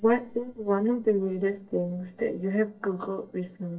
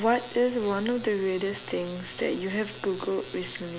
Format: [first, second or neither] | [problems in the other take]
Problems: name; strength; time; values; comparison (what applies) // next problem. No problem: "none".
second | noise reduction (neural mask model DeepFilterNet 3)